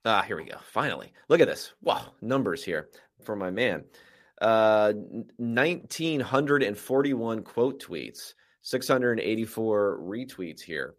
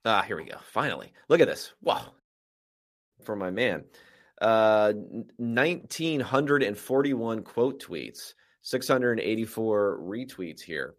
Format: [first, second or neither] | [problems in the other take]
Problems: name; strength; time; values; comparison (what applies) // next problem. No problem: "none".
first | audio cutting out; at 2 s for 1 s